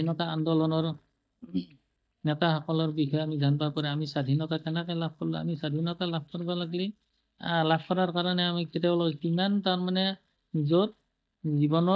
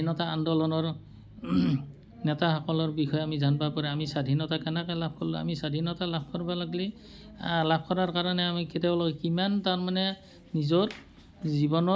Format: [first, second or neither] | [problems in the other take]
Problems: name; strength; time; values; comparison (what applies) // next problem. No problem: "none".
second | noise reduction (neural mask model DeepFilterNet 3)